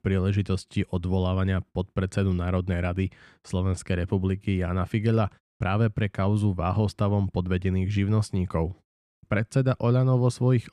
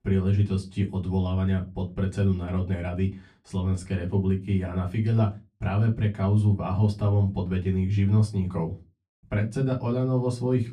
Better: first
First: none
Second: off-mic speech; far // room echo; very slight; dies away in 0.2 s

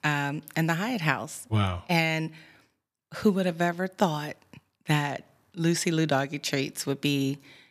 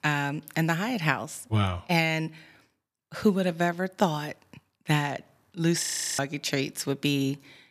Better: first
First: none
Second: audio freezing; at 6 s

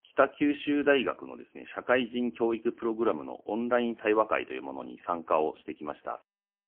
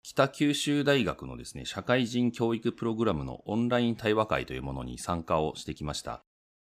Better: second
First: phone-call audio; poor line; nothing above 3 kHz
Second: none

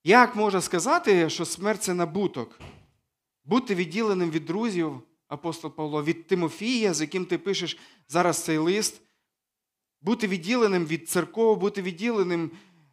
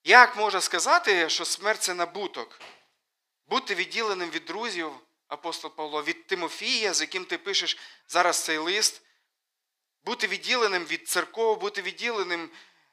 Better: first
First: none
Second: thin; very; fading below 600 Hz

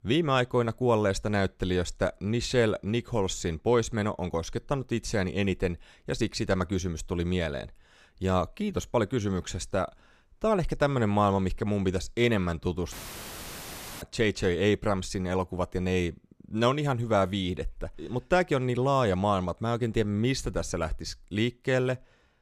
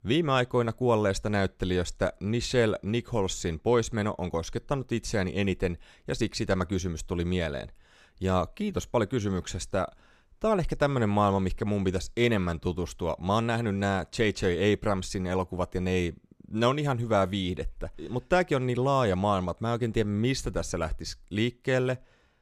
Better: second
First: audio cutting out; filled with static; at 13 s for 1 s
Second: none

